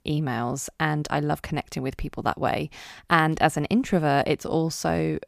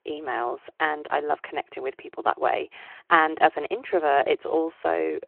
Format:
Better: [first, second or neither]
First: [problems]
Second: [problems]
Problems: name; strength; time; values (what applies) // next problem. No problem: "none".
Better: first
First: none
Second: phone-call audio